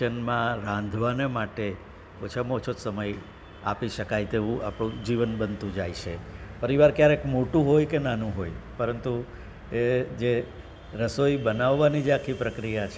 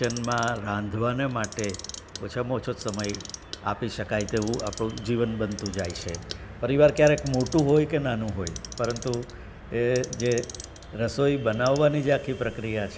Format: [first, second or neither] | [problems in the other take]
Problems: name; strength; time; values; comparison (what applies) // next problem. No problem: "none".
first | background sound (Clock); 17 dB below the speech